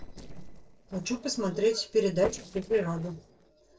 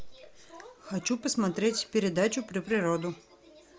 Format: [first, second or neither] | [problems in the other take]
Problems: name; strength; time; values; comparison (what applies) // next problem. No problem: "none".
second | noise reduction (neural separator model SepFormer DNS4)